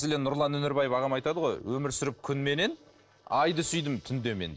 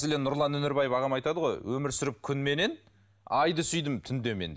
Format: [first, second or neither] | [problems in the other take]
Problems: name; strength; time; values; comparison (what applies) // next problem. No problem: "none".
second | noise reduction (neural separator model SepFormer DNS4)